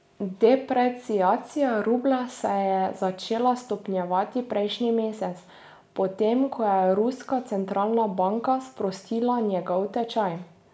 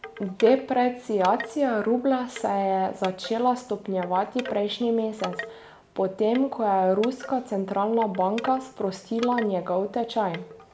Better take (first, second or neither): first